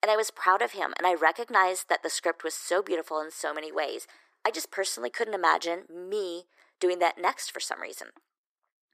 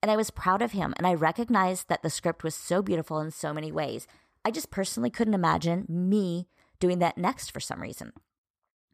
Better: second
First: thin; very; fading below 350 Hz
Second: none

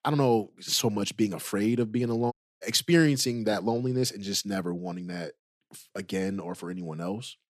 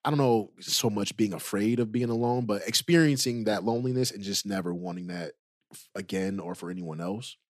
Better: second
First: audio cutting out; at 2.5 s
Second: none

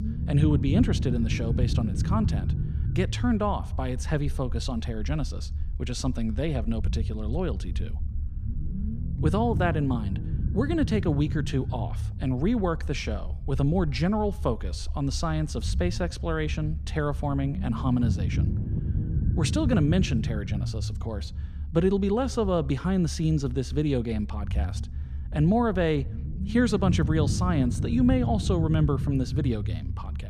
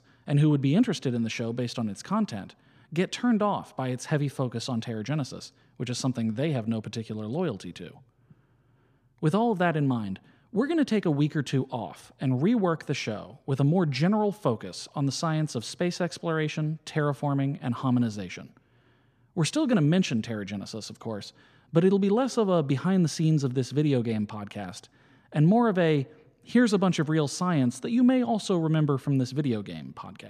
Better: second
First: low rumble; noticeable; throughout; 10 dB below the speech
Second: none

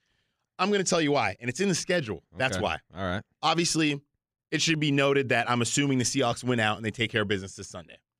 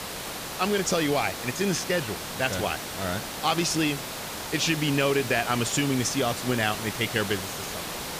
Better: first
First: none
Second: hiss; loud; throughout; 6 dB below the speech

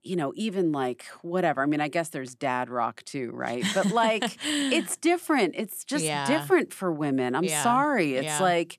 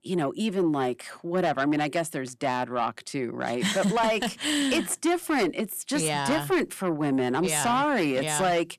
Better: first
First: none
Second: distortion; slight; 10 dB below the speech

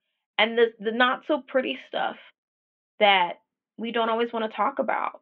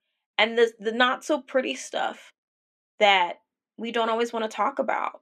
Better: second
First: muffled; very slightly; fading above 3.5 kHz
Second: none

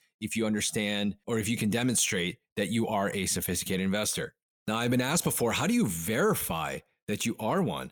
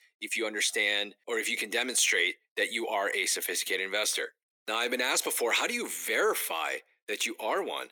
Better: first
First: none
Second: thin; very; fading below 300 Hz

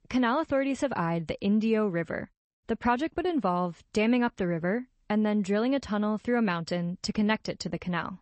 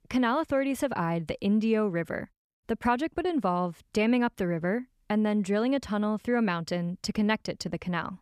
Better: second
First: garbled, watery; slightly; nothing above 8 kHz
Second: none

